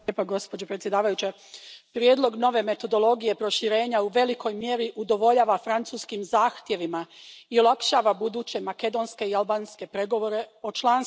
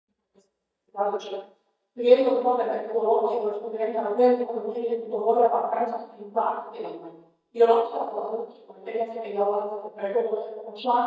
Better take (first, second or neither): first